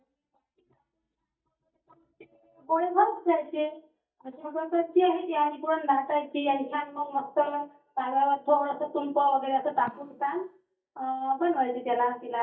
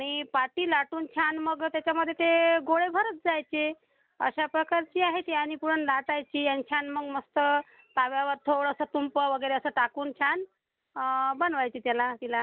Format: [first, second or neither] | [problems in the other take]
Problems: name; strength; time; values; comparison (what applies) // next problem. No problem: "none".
second | noise reduction (neural mask model DeepFilterNet 3)